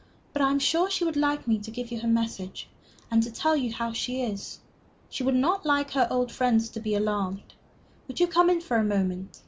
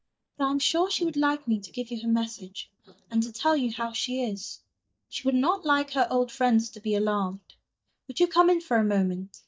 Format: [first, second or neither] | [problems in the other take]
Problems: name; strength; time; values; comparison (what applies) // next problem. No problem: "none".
first | noise reduction (neural mask model DeepFilterNet 3)